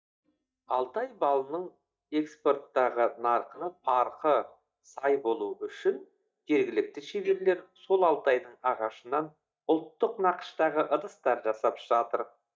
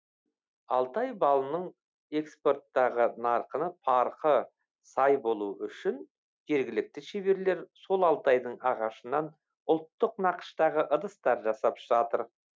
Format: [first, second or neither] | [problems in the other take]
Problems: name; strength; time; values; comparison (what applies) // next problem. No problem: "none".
second | noise reduction (neural mask model DeepFilterNet 3)